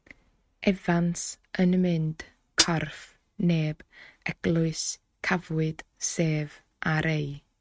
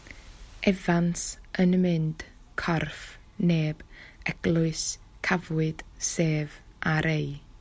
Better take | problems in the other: second | noise reduction (neural mask model RNNoise)

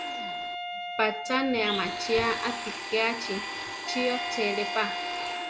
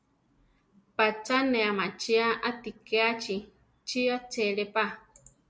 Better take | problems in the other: second | background sound (Domestic sounds, home sounds + Wind instrument, woodwind instrument); 3 dB below the speech

